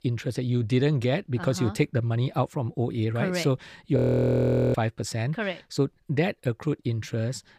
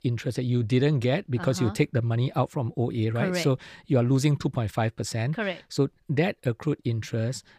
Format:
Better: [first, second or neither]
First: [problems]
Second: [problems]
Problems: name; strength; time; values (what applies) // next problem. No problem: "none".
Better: second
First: audio freezing; at 4 s for 1 s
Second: none